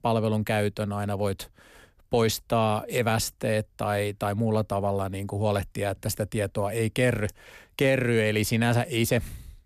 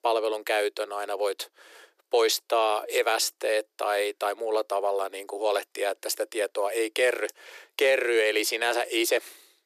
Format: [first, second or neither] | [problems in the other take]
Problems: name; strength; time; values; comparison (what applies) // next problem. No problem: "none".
first | thin; very; fading below 350 Hz